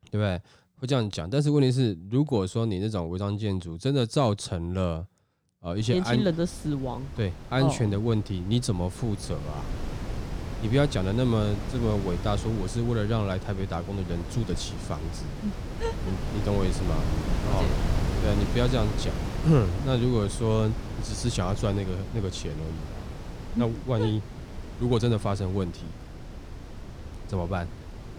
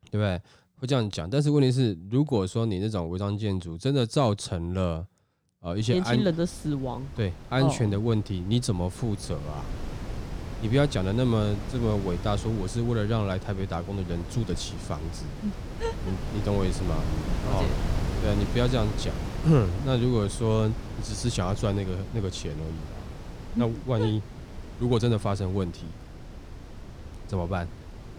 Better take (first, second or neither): second